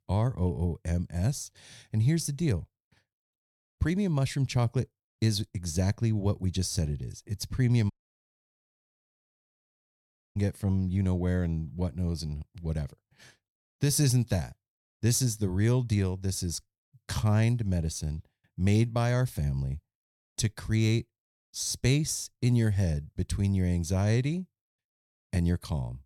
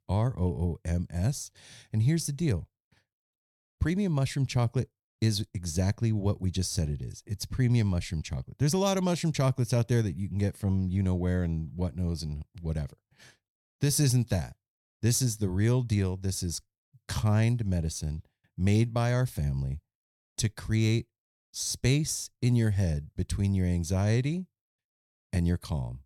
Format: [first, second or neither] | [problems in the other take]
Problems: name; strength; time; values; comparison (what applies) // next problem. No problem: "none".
second | audio cutting out; at 8 s for 2.5 s